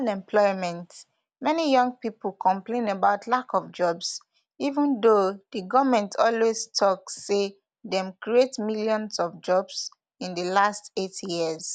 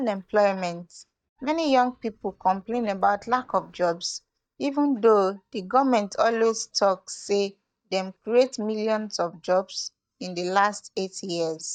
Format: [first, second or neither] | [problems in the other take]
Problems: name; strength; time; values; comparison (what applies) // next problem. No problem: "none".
first | noise reduction (neural mask model DeepFilterNet 3)